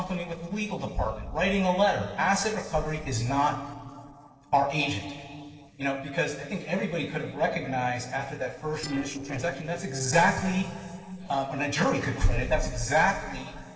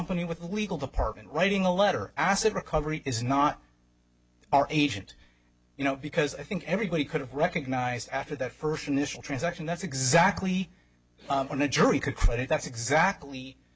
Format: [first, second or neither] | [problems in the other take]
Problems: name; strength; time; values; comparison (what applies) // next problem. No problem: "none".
second | noise reduction (neural separator model SepFormer DNS4)